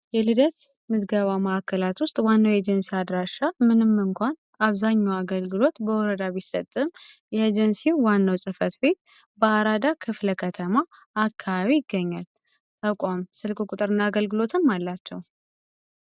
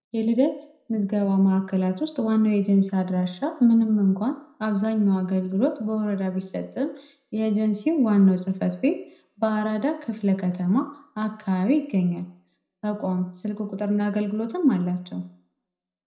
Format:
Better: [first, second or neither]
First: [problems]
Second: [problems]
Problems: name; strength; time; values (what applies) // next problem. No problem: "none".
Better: first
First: none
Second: room echo; dies away in 0.5 s